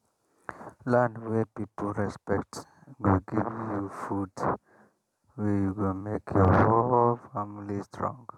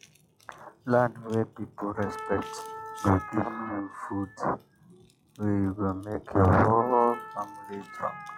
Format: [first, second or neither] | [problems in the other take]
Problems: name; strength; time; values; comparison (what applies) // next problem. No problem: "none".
first | noise reduction (classical method log-MMSE)